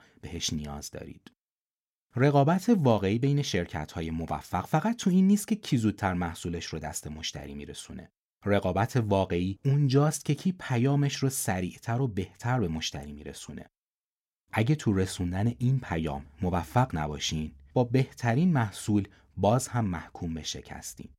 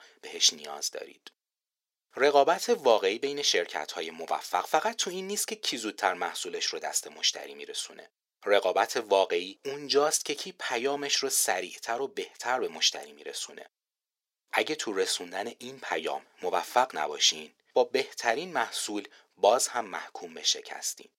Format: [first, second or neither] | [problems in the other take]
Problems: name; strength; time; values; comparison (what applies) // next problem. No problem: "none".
first | thin; very; fading below 450 Hz